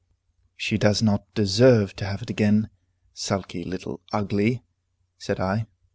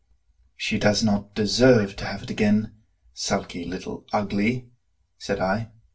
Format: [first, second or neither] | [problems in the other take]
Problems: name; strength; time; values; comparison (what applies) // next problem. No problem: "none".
first | background sound (Bird); 20 dB below the speech // room echo; dies away in 0.2 s